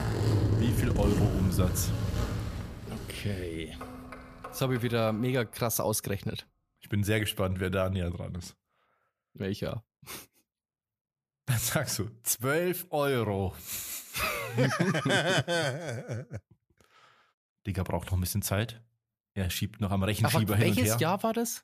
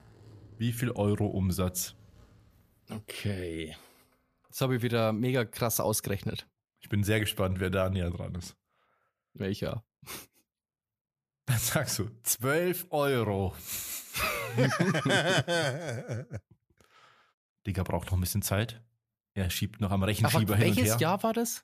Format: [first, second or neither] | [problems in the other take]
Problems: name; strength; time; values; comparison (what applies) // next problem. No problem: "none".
second | household noises; loud; until 5 s; 2 dB below the speech; faint in the second